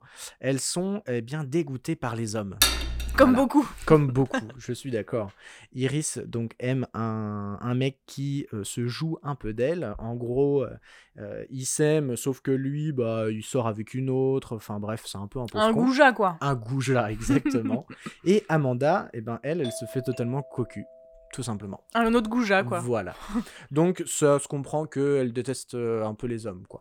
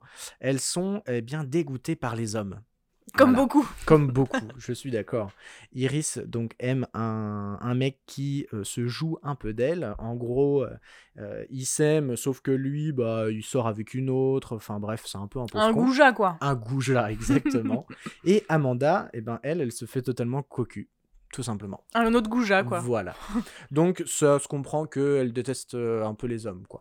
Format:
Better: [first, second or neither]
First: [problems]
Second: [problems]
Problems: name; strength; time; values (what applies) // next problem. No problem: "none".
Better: second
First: clattering dishes; loud; at 2.5 s; peak 5 dB above the speech // doorbell; faint; from 20 to 21 s; peak 10 dB below the speech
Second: none